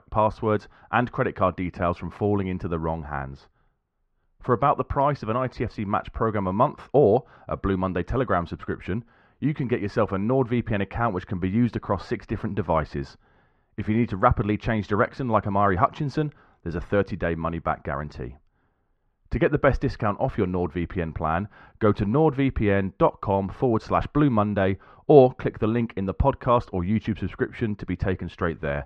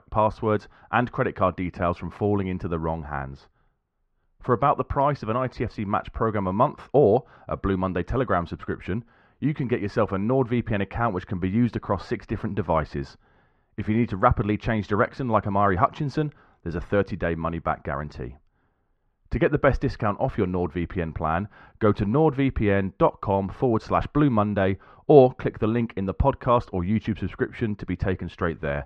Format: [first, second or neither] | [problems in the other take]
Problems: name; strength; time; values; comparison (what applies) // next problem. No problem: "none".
neither | muffled; very; fading above 1.5 kHz; the same in both